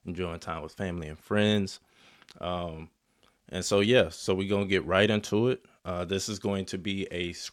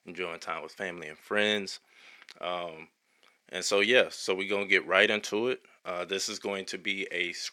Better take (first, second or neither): first